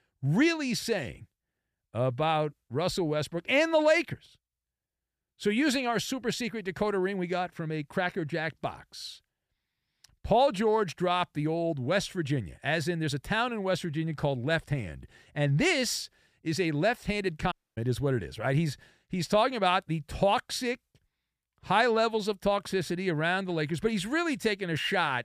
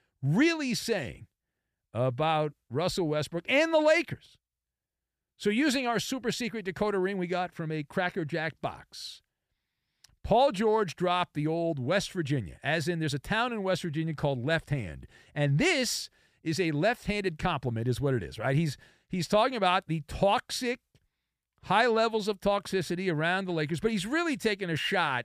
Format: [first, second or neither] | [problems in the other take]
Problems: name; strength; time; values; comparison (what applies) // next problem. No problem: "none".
second | audio cutting out; at 18 s